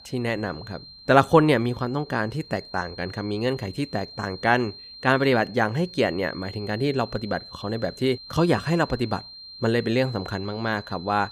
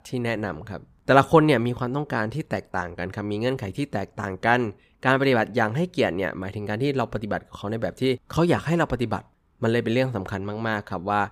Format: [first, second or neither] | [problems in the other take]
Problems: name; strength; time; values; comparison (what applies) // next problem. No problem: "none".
second | high-pitched whine; noticeable; throughout; 4 kHz, 15 dB below the speech